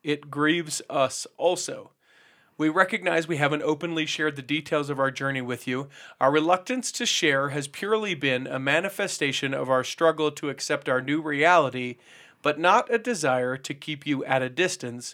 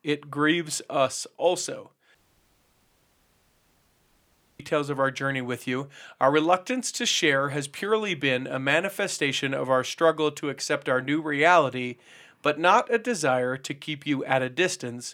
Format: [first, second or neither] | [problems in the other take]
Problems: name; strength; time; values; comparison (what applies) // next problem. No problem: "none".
first | audio cutting out; at 2 s for 2.5 s